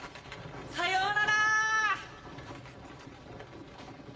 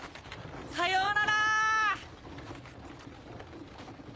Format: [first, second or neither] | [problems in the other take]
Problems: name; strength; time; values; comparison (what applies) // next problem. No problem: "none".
second | room echo; dies away in 2.5 s